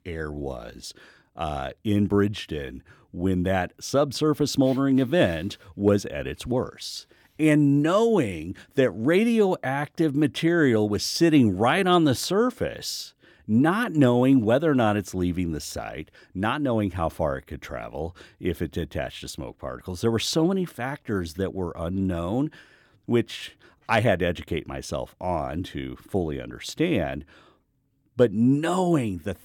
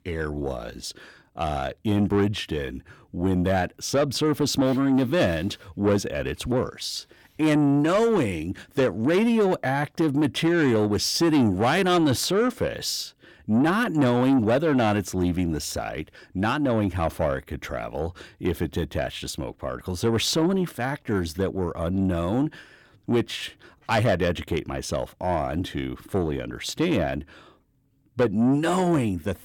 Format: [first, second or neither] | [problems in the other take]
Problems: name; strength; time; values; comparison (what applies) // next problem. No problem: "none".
first | distortion; slight; 10 dB below the speech